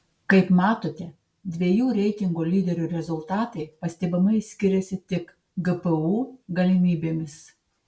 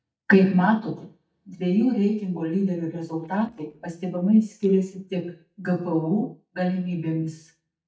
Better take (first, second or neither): first